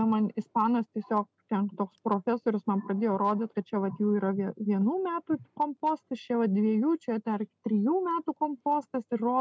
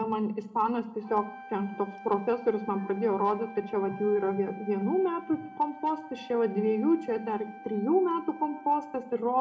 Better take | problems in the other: first | background sound (Wind instrument, woodwind instrument); 17 dB below the speech // room echo; dies away in 1.1 s

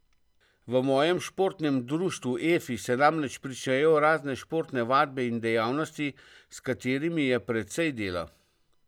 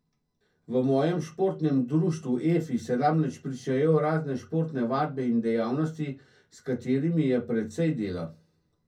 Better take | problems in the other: first | room echo; dies away in 0.3 s

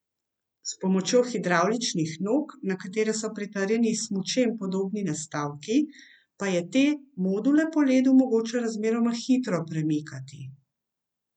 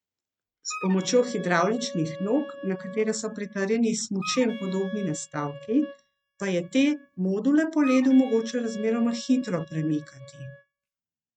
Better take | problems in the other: first | noise reduction (neural mask model RNNoise)

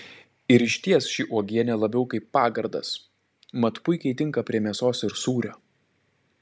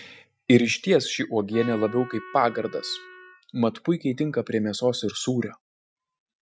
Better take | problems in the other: first | noise reduction (classical method Wiener filter)

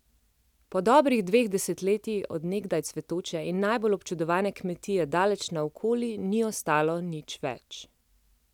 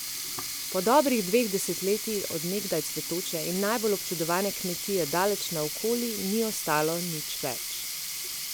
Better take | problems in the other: first | background sound (Sink (filling or washing)); 5 dB below the speech

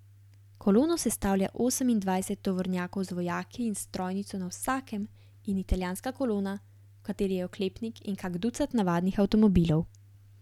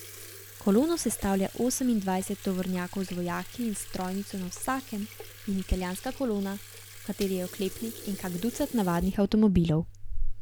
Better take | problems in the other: first | background sound (Sink (filling or washing) / Water tap, faucet); 8 dB below the speech

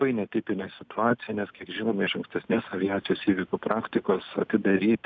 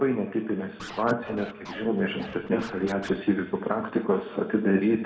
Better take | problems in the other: first | background sound (Scratching (performance technique)); 16 dB below the speech // room echo; dies away in 1.6 s

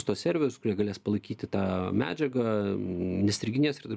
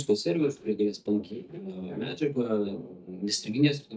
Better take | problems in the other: first | noise reduction (neural mask model DeepFilterNet 3)

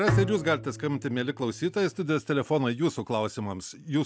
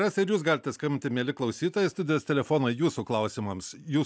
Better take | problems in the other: second | background sound (Bowed string instrument); 7 dB below the speech

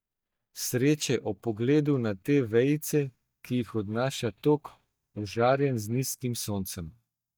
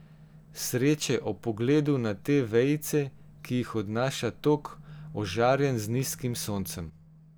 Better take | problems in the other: second | noise reduction (neural mask model DeepFilterNet 3)

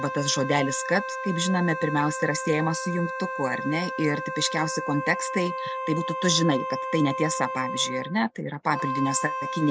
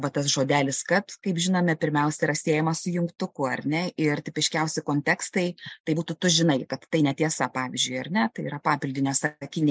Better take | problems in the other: second | background sound (Wind instrument, woodwind instrument); 5 dB below the speech

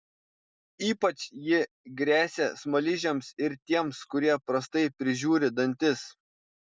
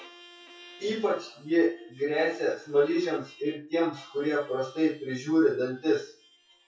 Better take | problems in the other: first | noise reduction (classical method WPE with log-MMSE)

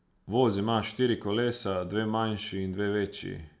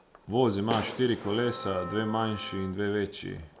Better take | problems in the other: first | background sound (Fireworks + Wind instrument, woodwind instrument); 12 dB below the speech

